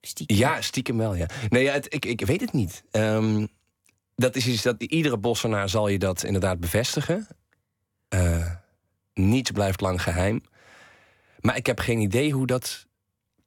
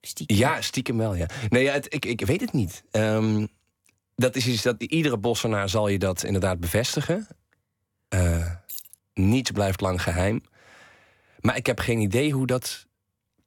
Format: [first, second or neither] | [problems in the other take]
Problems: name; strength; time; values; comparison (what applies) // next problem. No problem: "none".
first | jangling keys; faint; at 8.5 s; peak 10 dB below the speech